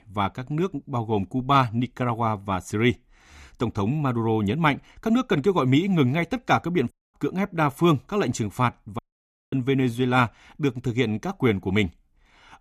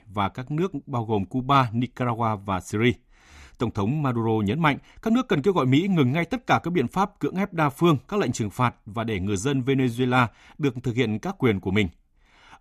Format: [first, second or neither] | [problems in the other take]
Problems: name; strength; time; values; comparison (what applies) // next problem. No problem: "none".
second | audio cutting out; at 7 s and at 9 s for 0.5 s